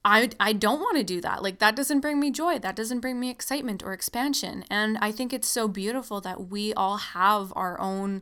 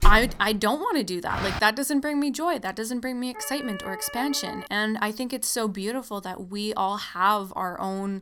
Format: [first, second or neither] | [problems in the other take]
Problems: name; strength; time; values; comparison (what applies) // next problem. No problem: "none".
first | door banging; noticeable; at the start; peak 1 dB below the speech // footsteps; noticeable; at 1.5 s; peak 4 dB below the speech // siren; faint; from 3.5 to 4.5 s; peak 10 dB below the speech